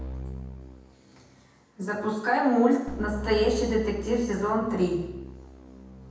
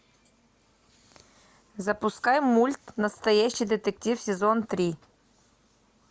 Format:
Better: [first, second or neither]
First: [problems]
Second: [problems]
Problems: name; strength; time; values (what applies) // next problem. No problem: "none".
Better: second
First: background sound (Keyboard (musical)); 12 dB below the speech // room echo; dies away in 0.8 s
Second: none